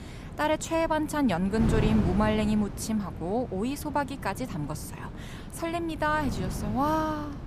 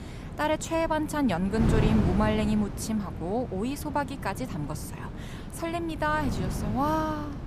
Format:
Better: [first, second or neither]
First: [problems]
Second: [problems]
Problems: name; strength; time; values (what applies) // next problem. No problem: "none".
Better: first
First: wind noise on the microphone; occasional gusts; 10 dB below the speech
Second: wind noise on the microphone; heavy; 10 dB below the speech